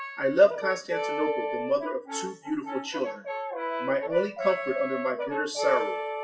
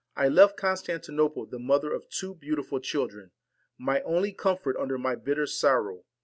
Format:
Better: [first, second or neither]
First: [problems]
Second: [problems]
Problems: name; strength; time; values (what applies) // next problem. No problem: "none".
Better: second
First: noise reduction (classical method WPE with log-MMSE)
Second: none